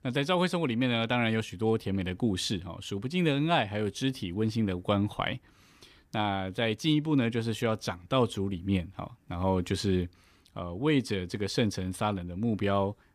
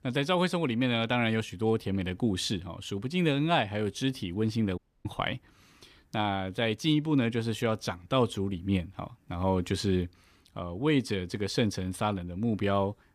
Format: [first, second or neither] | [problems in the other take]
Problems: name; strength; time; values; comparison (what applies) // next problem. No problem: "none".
first | audio cutting out; at 5 s